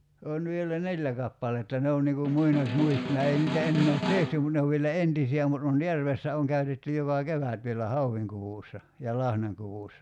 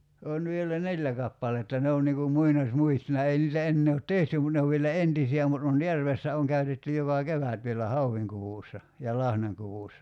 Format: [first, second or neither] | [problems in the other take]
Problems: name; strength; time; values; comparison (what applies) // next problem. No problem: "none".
second | background sound (Snare drum); 5 dB below the speech